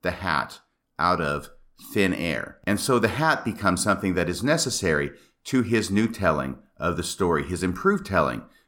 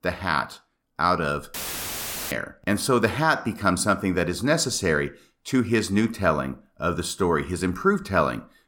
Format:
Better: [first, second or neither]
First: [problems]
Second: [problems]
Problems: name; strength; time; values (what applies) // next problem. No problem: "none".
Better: first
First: none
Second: audio cutting out; filled with static; at 1.5 s for 1 s